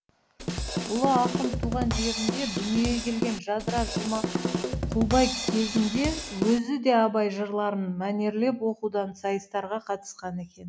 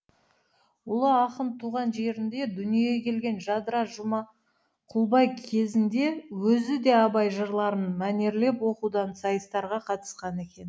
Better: second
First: background sound (Drum kit); 2 dB below the speech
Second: none

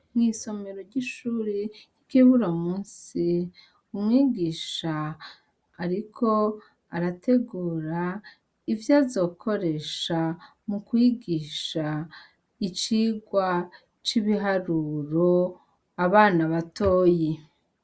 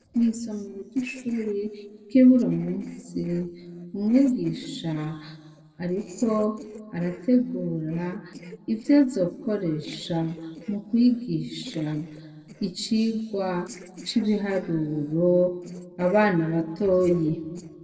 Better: first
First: none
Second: noise reduction (neural separator model SepFormer DNS4)

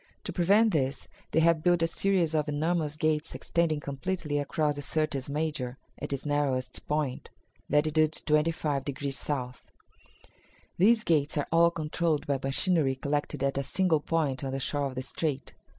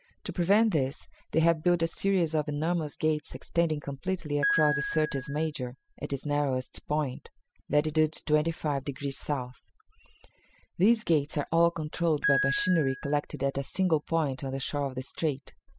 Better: first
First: none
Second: noise reduction (classical method spectral subtraction)

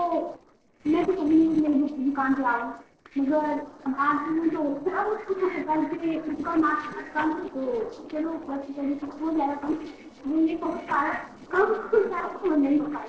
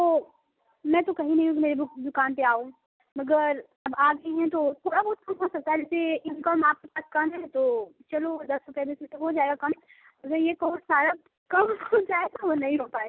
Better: second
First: noise reduction (neural separator model SepFormer DNS4)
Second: none

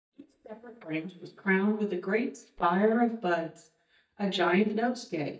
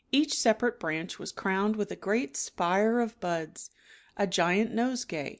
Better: second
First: noise reduction (neural mask model DeepFilterNet 3)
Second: none

